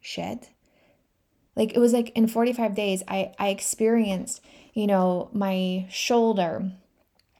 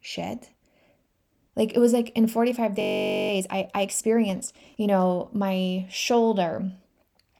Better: first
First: none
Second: audio freezing; at 3 s

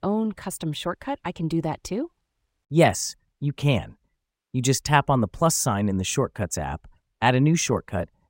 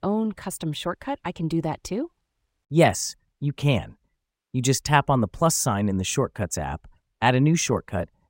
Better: neither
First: none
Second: none

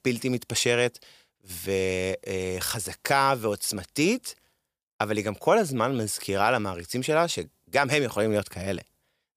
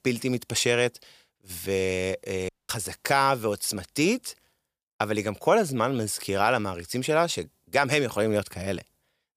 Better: first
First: none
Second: audio cutting out; at 2.5 s

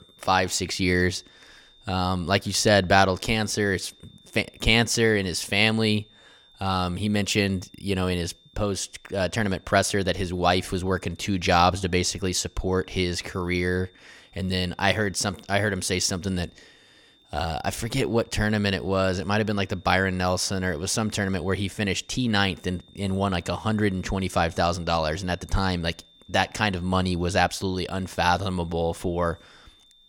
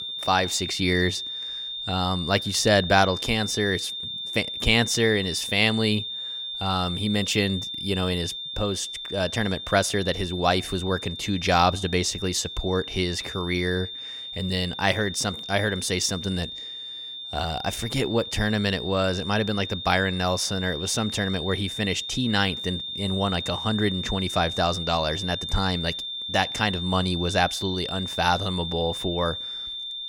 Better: first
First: high-pitched whine; faint; throughout; 3.5 kHz, 30 dB below the speech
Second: high-pitched whine; loud; throughout; 3.5 kHz, 6 dB below the speech

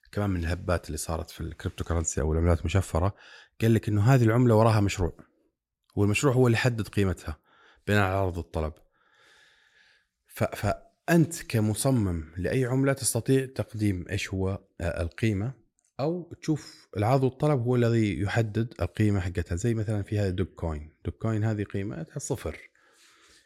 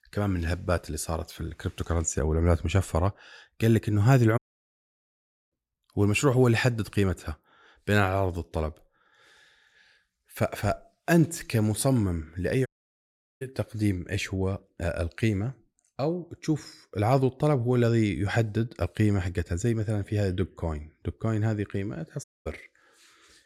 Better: first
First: none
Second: audio cutting out; at 4.5 s for 1 s, at 13 s for 1 s and at 22 s

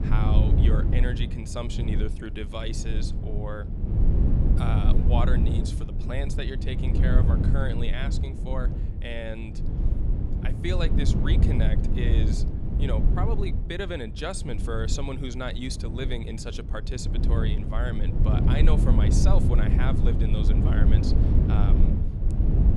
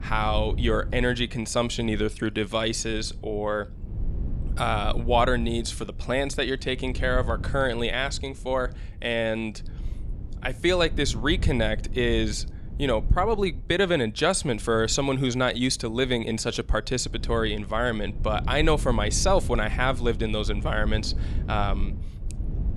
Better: second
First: low rumble; loud; throughout; 2 dB below the speech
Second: low rumble; faint; throughout; 20 dB below the speech

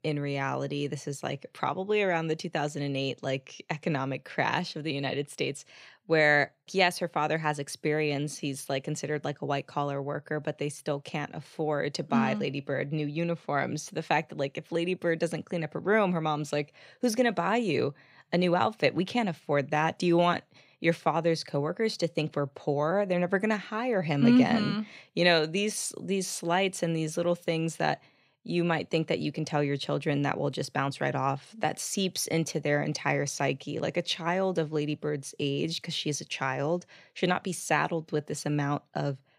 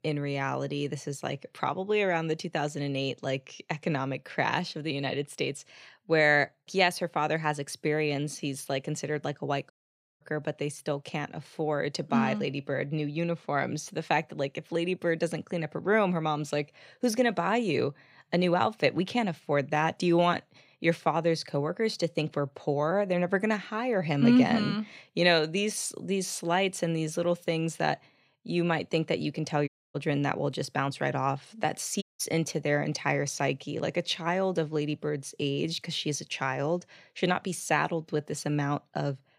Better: first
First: none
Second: audio cutting out; at 9.5 s for 0.5 s, at 30 s and at 32 s

